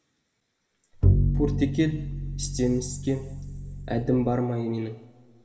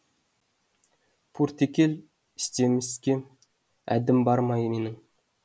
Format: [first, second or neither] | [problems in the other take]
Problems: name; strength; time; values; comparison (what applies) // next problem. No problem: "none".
second | background sound (Bowed string instrument); 2 dB above the speech // room echo; dies away in 2.8 s